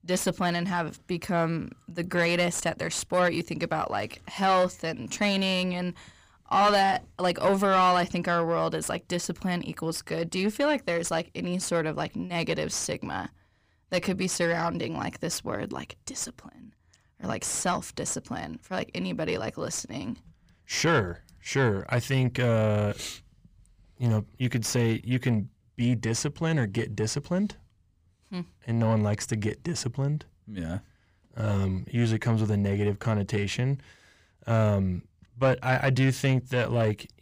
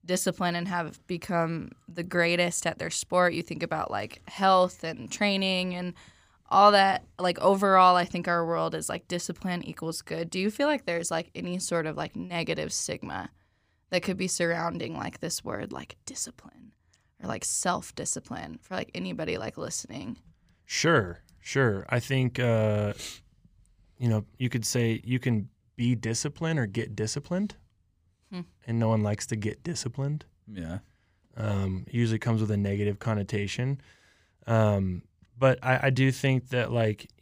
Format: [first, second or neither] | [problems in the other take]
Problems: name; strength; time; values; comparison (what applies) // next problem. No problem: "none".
second | distortion; slight; 10 dB below the speech